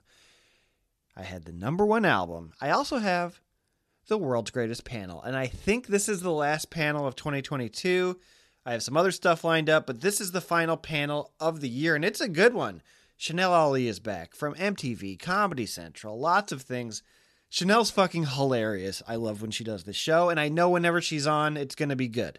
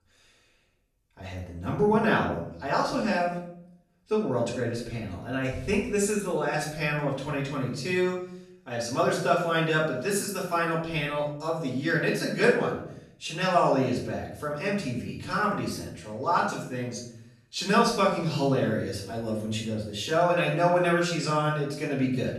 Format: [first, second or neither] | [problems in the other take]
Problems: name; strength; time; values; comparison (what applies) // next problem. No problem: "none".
first | off-mic speech; far // room echo; noticeable; dies away in 0.8 s